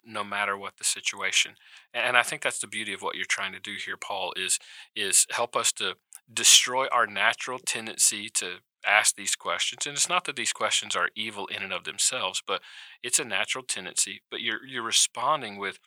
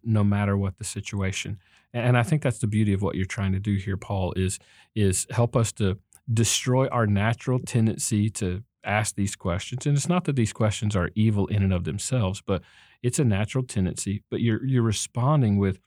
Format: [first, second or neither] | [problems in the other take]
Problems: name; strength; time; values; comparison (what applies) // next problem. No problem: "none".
second | thin; very; fading below 1 kHz